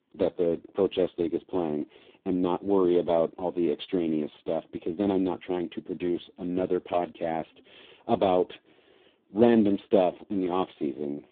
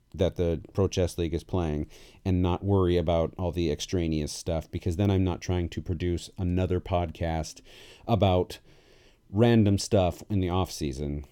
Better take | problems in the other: second | phone-call audio; poor line; nothing above 3.5 kHz

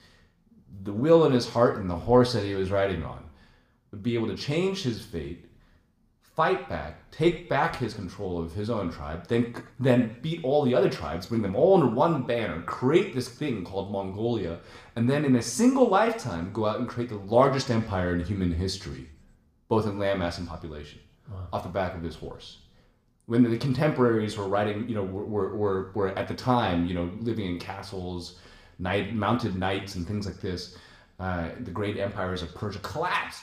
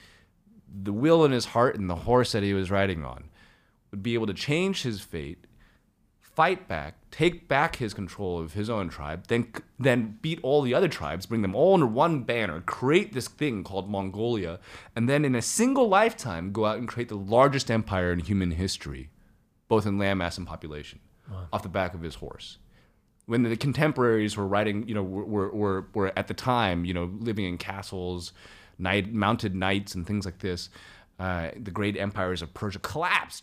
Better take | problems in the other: second | room echo; very slight; dies away in 0.5 s

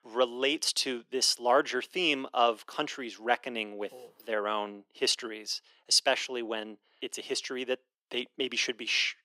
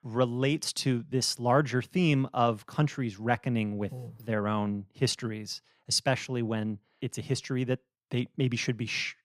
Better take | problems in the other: second | thin; very; fading below 350 Hz

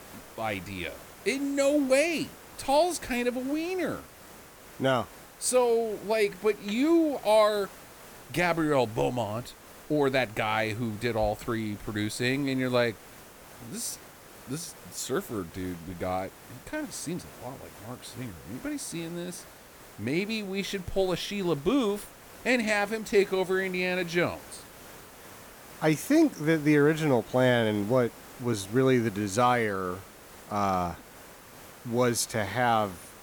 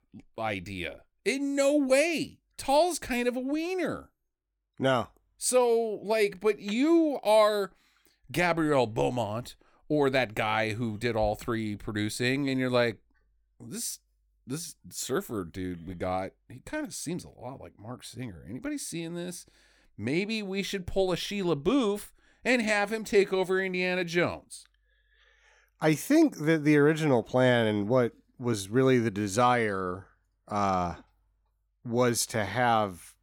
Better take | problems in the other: second | hiss; noticeable; throughout; 20 dB below the speech

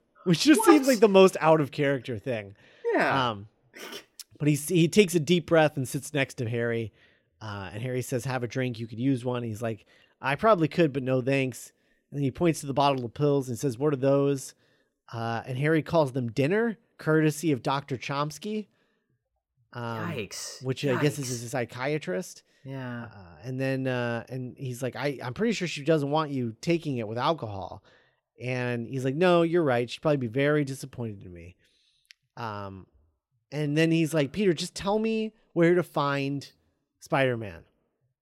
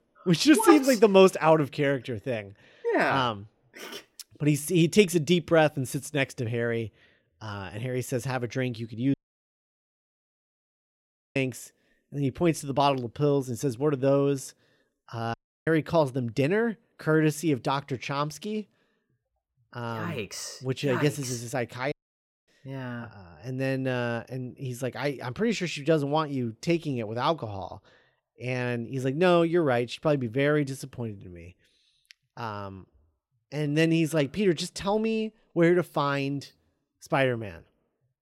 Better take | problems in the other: first | audio cutting out; at 9 s for 2 s, at 15 s and at 22 s for 0.5 s

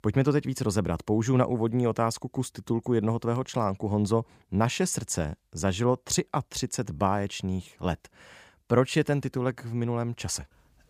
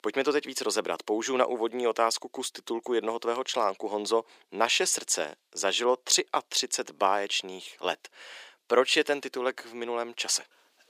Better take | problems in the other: first | thin; very; fading below 350 Hz

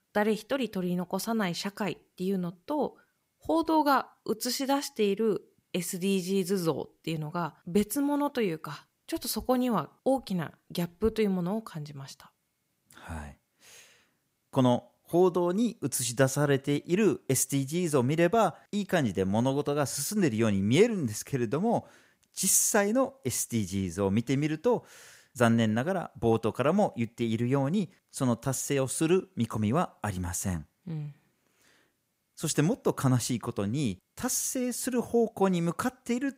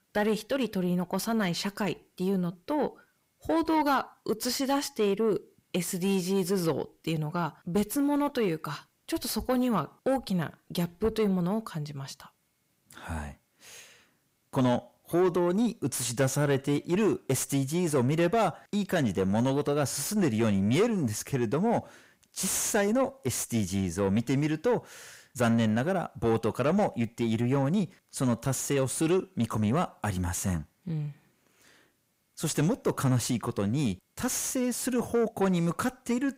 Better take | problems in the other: first | distortion; slight; 10 dB below the speech

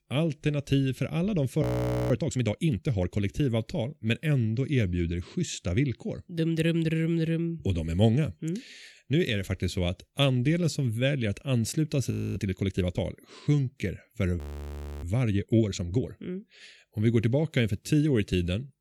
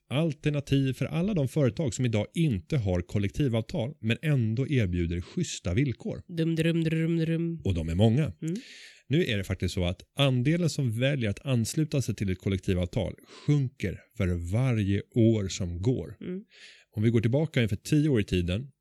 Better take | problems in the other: second | audio freezing; at 1.5 s, at 12 s and at 14 s for 0.5 s

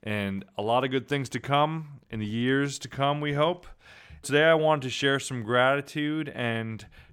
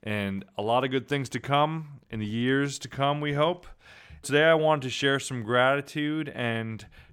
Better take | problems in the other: neither | none

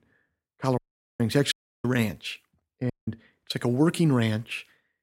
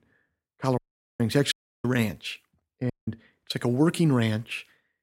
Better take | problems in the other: neither | audio cutting out; at 1 s, at 1.5 s and at 3 s; the same in both

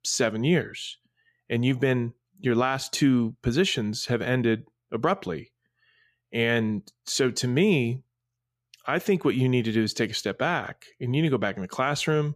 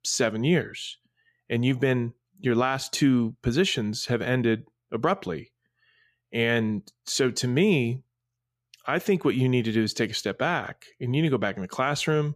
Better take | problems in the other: neither | none

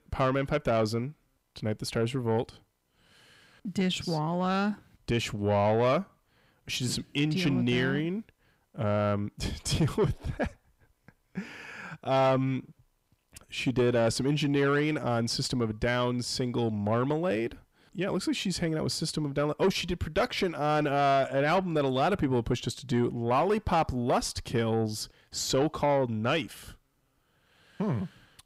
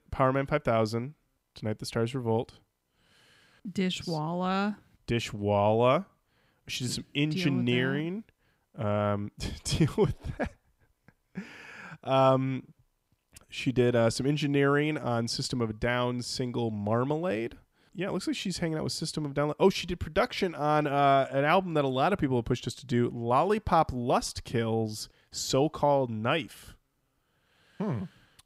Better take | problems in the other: second | distortion; slight; 10 dB below the speech

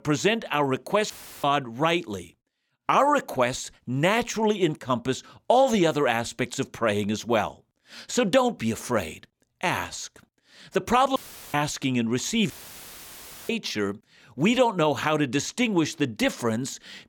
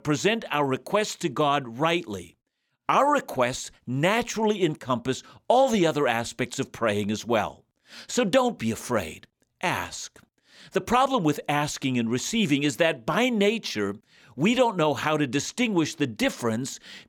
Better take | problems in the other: second | audio cutting out; filled with static; at 1 s, at 11 s and at 13 s for 1 s

